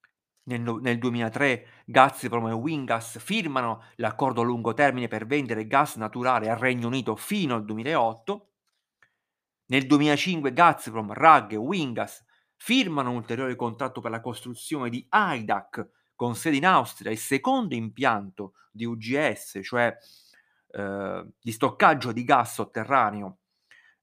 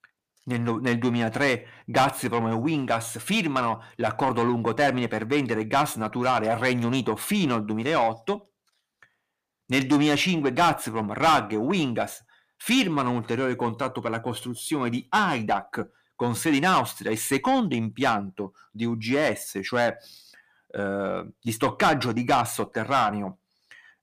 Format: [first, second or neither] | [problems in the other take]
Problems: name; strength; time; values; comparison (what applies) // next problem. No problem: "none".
first | distortion; heavy; 7 dB below the speech